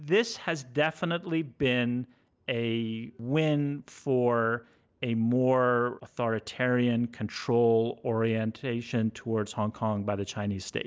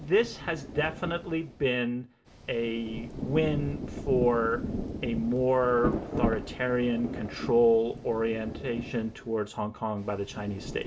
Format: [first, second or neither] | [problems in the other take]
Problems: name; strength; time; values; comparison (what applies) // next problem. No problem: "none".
first | background sound (Rain); 8 dB below the speech // room echo; dies away in 0.2 s